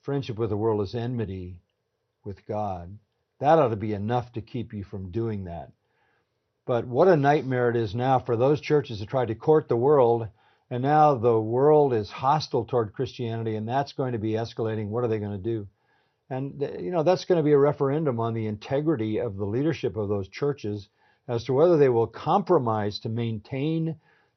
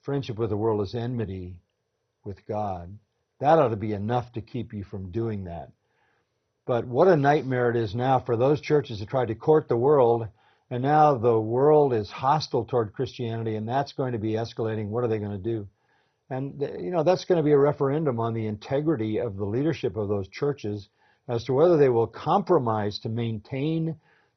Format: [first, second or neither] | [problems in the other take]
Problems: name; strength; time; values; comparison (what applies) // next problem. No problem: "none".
first | garbled, watery; badly; nothing above 6 kHz; slightly in the first